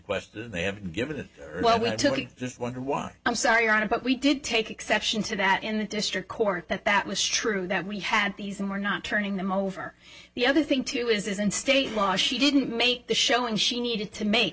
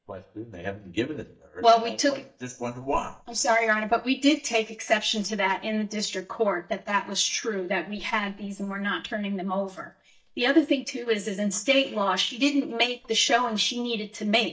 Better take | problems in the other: first | noise reduction (neural mask model DeepFilterNet 3)

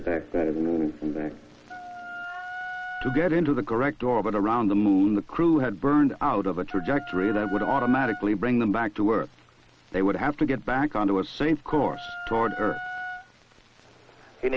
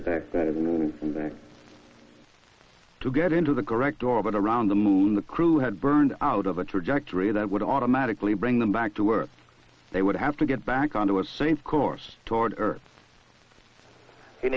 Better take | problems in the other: second | background sound (Wind instrument, woodwind instrument); 11 dB below the speech

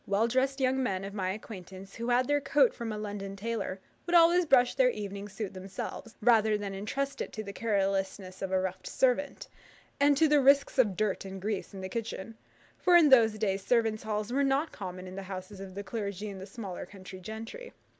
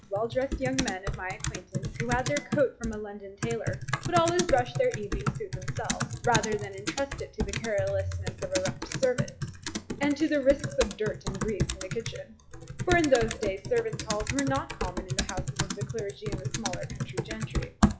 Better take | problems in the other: first | noise reduction (classical method WPE with log-MMSE)

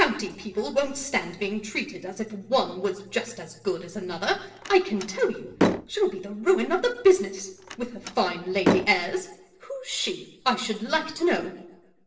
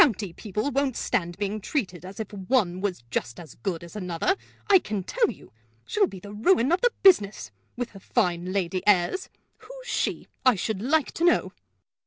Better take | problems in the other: second | background sound (Slam); 4 dB below the speech // room echo; dies away in 0.7 s

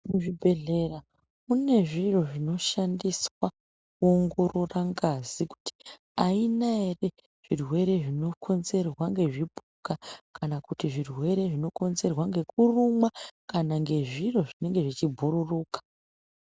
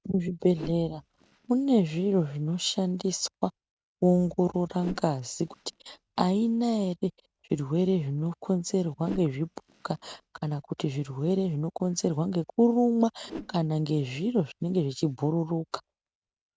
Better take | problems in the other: first | noise reduction (neural mask model RNNoise)

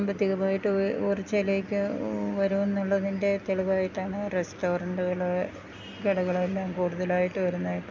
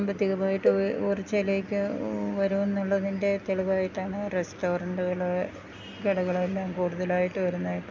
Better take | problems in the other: first | background sound (Cowbell); 6 dB below the speech

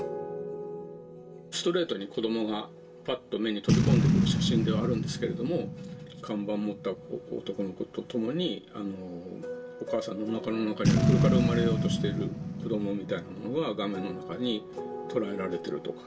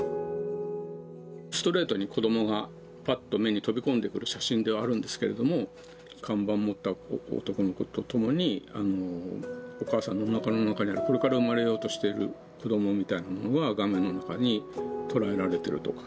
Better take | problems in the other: second | background sound (Boom); 1 dB above the speech // room echo; dies away in 0.2 s

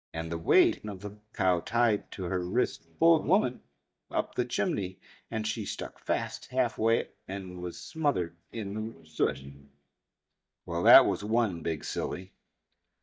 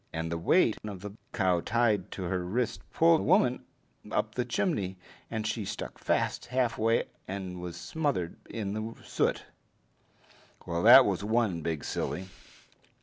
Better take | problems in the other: second | noise reduction (neural mask model DeepFilterNet 3)

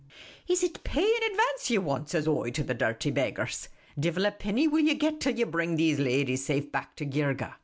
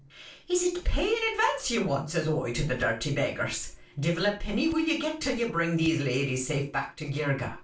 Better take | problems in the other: first | noise reduction (neural separator model SepFormer DNS4)

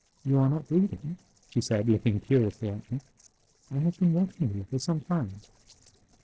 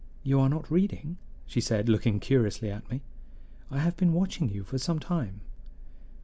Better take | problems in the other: second | noise reduction (neural separator model SepFormer DNS4)

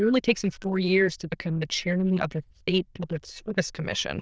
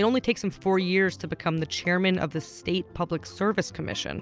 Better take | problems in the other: second | noise reduction (neural diffusion model UNIVERSE++)

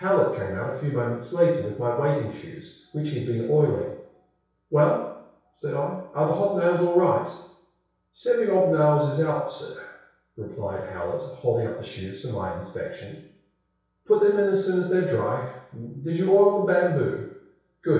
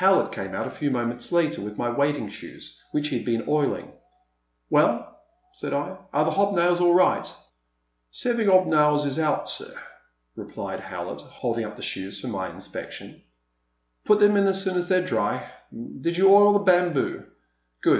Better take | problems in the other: second | room echo; dies away in 0.6 s

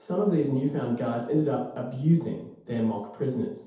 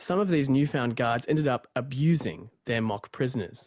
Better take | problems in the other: second | room echo; dies away in 0.8 s

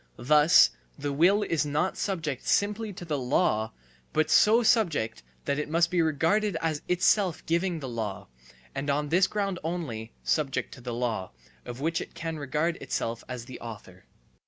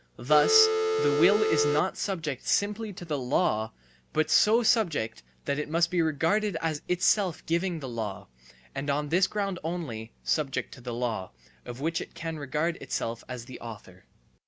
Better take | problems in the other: first | background sound (Telephone); 3 dB above the speech

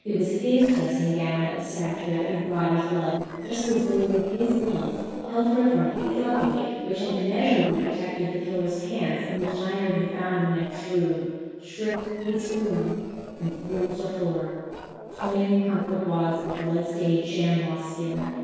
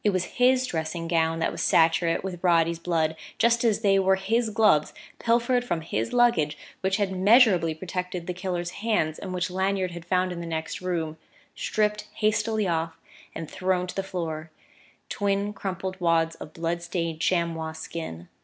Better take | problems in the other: second | noise reduction (neural separator model SepFormer DNS4)

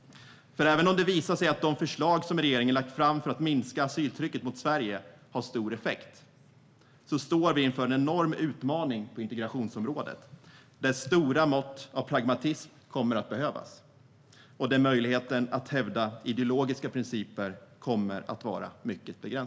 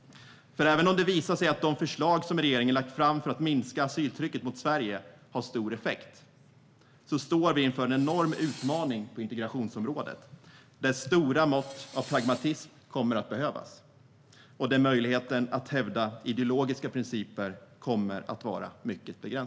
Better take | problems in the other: first | background sound (Tools); 19 dB below the speech

